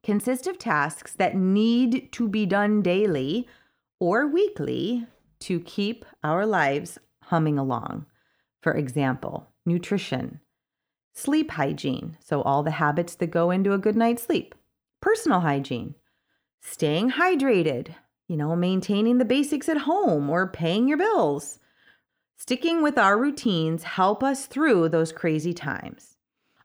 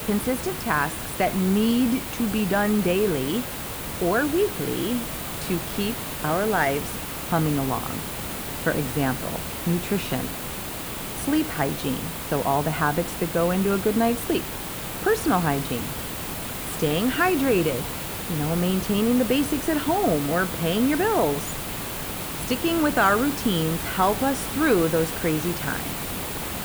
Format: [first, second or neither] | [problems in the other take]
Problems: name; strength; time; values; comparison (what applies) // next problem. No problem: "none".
first | hiss; loud; throughout; 5 dB below the speech